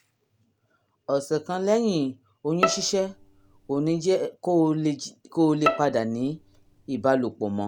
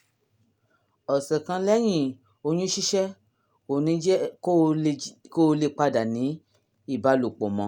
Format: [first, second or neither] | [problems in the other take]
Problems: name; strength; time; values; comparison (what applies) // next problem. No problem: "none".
second | background sound (Bowed string instrument); 5 dB below the speech